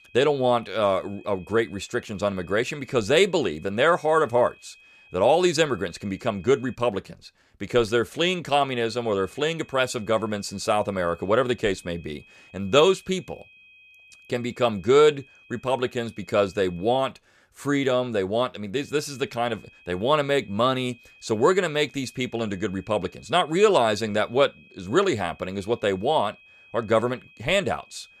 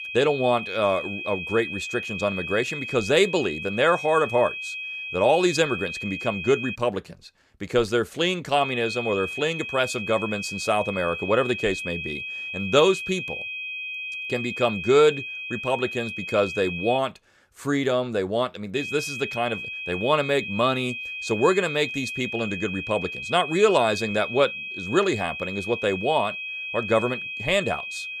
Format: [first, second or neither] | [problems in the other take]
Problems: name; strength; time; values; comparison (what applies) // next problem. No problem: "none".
first | high-pitched whine; loud; until 7 s, from 8.5 to 17 s and from 19 s on; 2.5 kHz, 7 dB below the speech; faint in the first